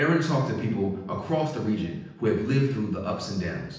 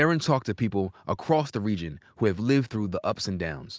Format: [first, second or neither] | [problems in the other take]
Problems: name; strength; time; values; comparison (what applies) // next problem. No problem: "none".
second | room echo; dies away in 0.9 s